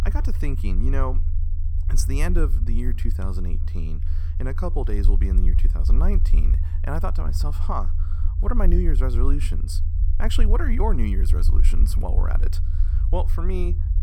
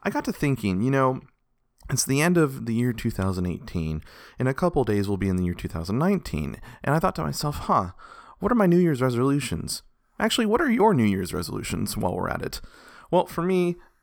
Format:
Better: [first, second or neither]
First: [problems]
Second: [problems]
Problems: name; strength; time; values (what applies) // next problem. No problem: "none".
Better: second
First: low rumble; noticeable; throughout; 10 dB below the speech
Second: none